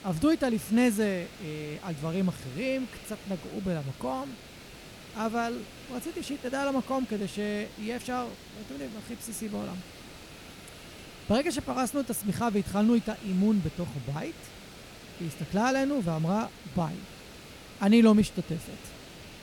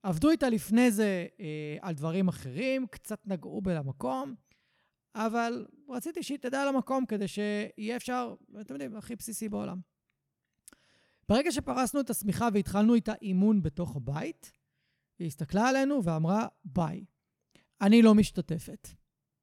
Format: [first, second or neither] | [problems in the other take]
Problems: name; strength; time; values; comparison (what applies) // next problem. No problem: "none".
second | hiss; noticeable; throughout; 15 dB below the speech